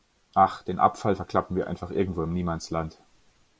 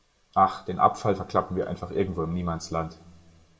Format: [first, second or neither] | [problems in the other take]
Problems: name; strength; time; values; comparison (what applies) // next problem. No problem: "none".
first | room echo; dies away in 0.7 s